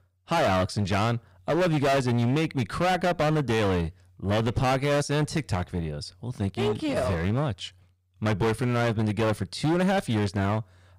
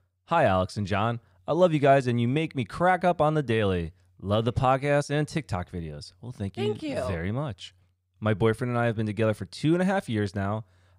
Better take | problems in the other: second | distortion; heavy; 23% of the sound clipped

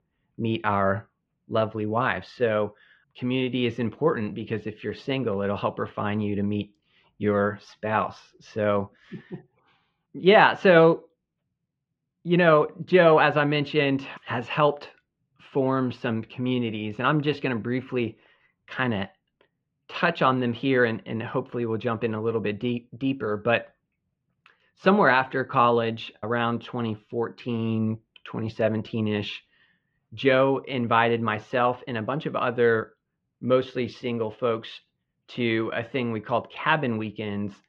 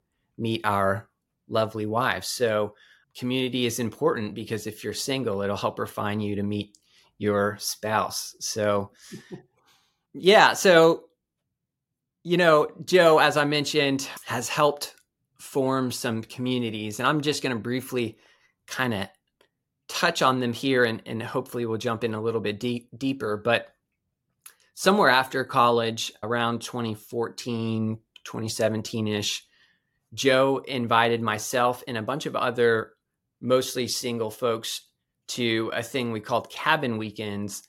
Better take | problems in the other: second | muffled; very; fading above 3 kHz

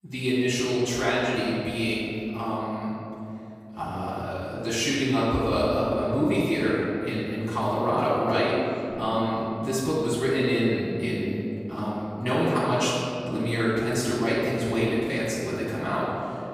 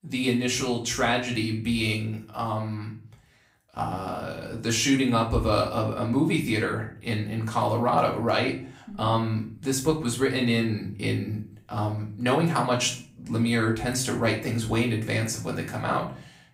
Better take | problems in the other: second | room echo; strong; dies away in 2.9 s; slight in the second // off-mic speech; far; far in the second

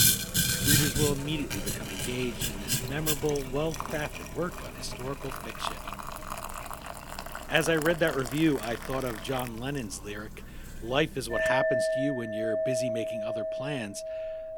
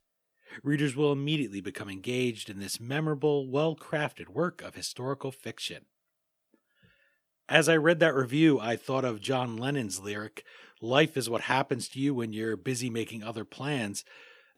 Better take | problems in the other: second | household noises; very loud; throughout; 1 dB above the speech

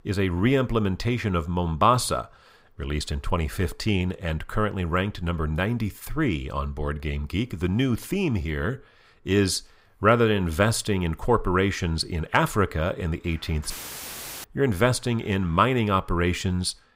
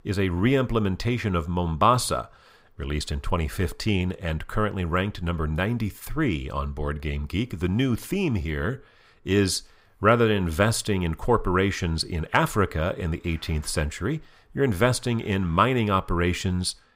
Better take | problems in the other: second | audio cutting out; filled with static; at 14 s for 0.5 s

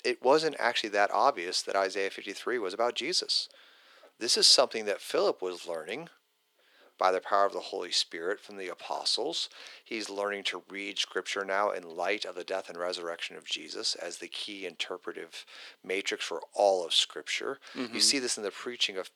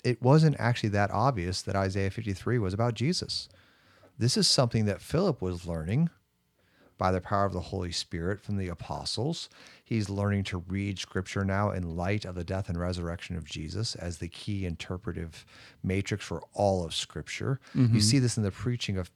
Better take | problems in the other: second | thin; very; fading below 350 Hz

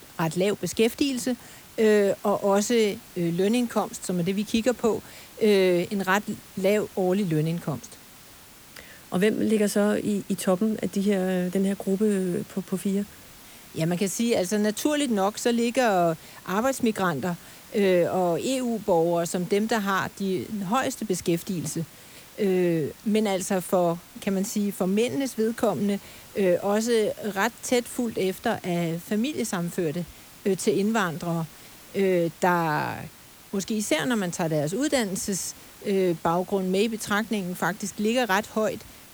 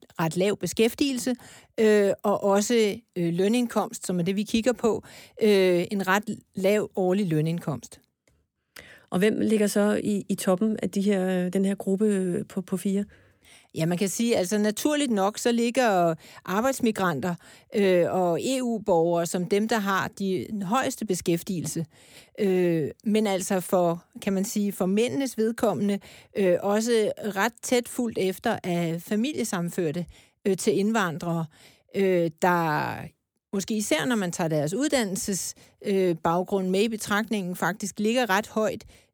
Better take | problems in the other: second | hiss; noticeable; throughout; 20 dB below the speech

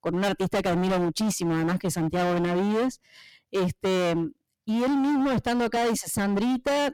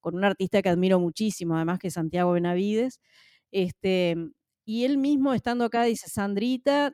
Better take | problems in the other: second | distortion; heavy; 34% of the sound clipped

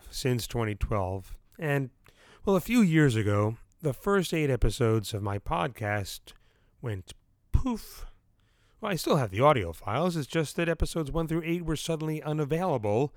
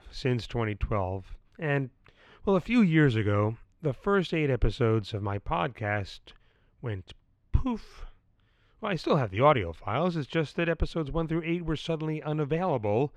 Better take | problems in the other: first | muffled; very slightly; fading above 3 kHz

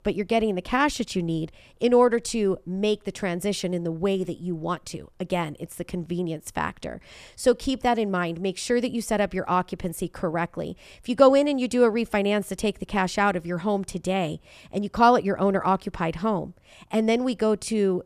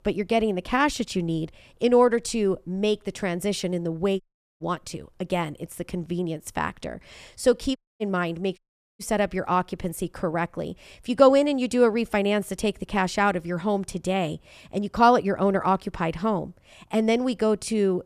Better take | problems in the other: first | audio cutting out; at 4 s, at 8 s and at 8.5 s

